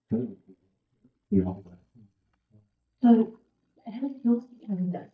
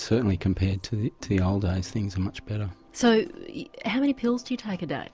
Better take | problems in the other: second | noise reduction (neural mask model DeepFilterNet 3)

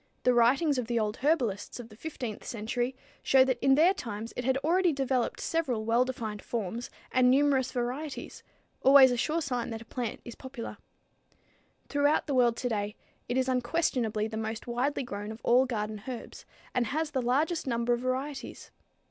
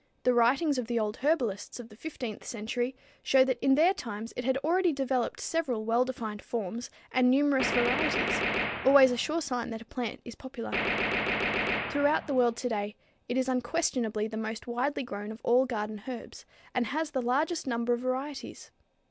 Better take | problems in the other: first | background sound (Gunshot, gunfire); 2 dB below the speech

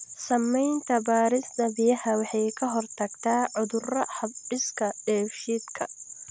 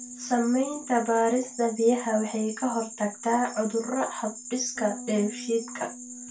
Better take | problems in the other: first | background sound (Bass guitar); 19 dB below the speech // room echo; dies away in 0.2 s

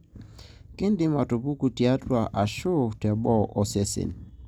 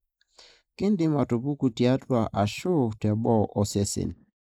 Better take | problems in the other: first | noise reduction (neural mask model Resemble Enhance denoiser)

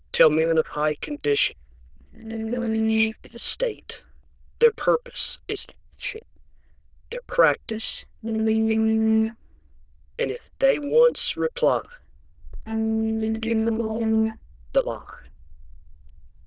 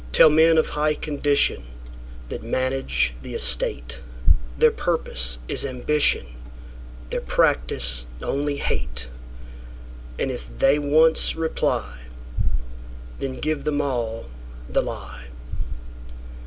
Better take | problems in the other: second | noise reduction (neural diffusion model UNIVERSE++)

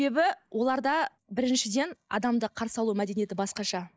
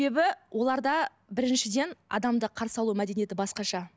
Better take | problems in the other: second | noise reduction (neural mask model Resemble Enhance denoiser)

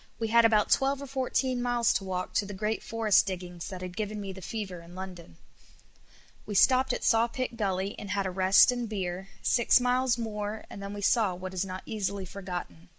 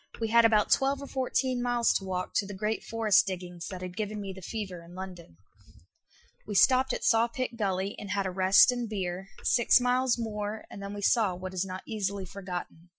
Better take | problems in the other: first | noise reduction (classical method Wiener filter)

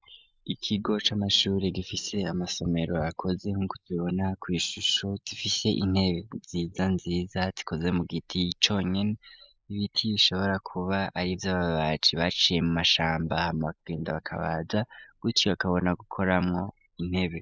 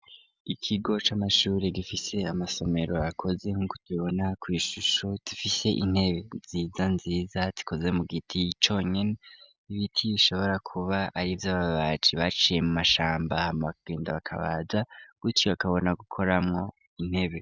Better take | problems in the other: second | noise reduction (neural mask model Resemble Enhance denoiser)

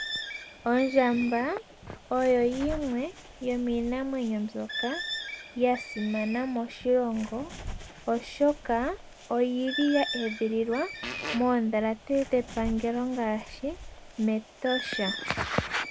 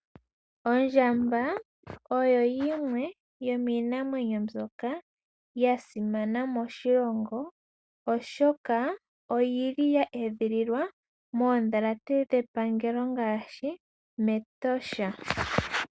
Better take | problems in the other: second | background sound (Fart + Bird); 11 dB below the speech

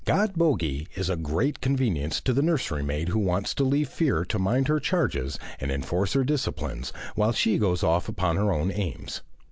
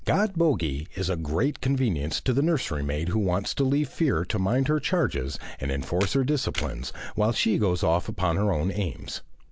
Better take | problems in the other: first | background sound (Camera); 15 dB below the speech

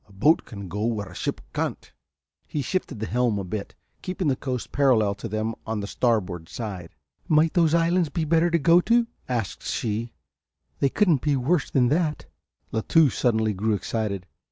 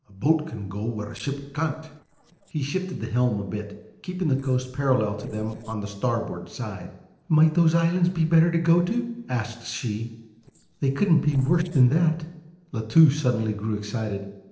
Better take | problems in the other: first | noise reduction (neural separator model SepFormer DNS4)

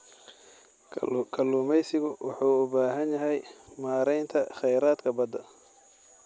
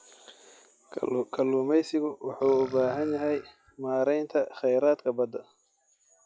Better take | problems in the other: first | noise reduction (classical method log-MMSE)

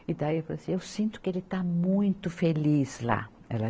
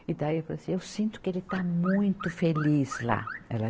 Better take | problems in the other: first | background sound (Alarm / Car); 13 dB below the speech

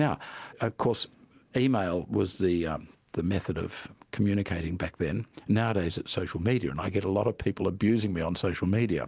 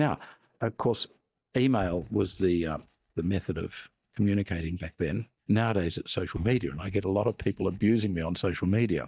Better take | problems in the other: first | noise reduction (neural mask model DeepFilterNet 3)

